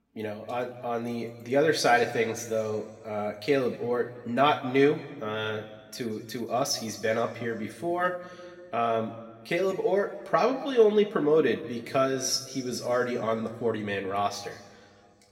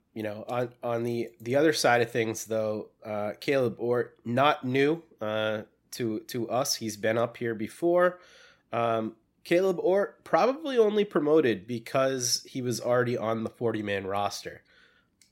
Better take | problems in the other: second | room echo; slight; dies away in 1.4 s // off-mic speech; somewhat distant

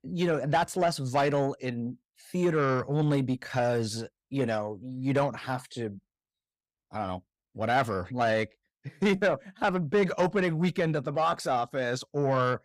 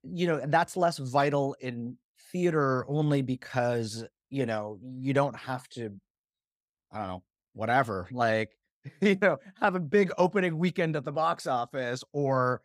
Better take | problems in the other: second | distortion; slight; 10 dB below the speech

